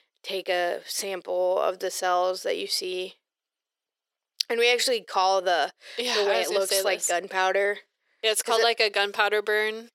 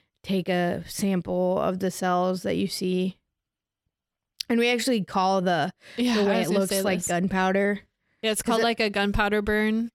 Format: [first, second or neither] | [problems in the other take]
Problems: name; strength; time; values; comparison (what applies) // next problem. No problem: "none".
second | thin; very; fading below 450 Hz